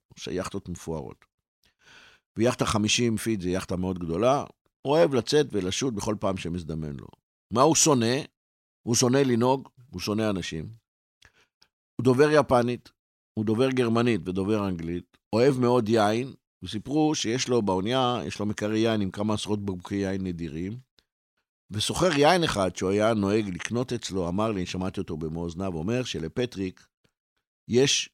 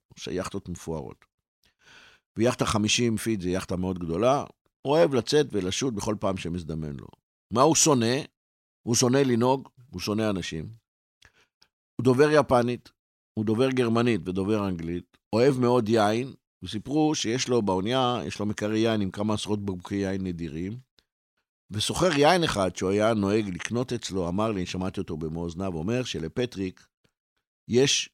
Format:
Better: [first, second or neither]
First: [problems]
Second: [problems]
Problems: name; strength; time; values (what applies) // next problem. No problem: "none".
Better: neither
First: none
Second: none